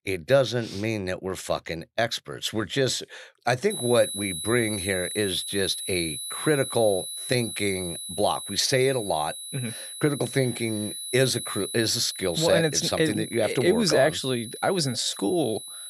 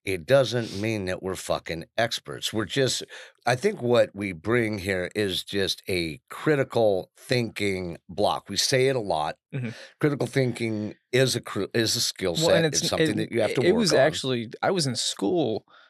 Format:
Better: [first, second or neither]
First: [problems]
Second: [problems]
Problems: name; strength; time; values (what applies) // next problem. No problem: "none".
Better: second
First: high-pitched whine; loud; from 3.5 s on; 4 kHz, 8 dB below the speech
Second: none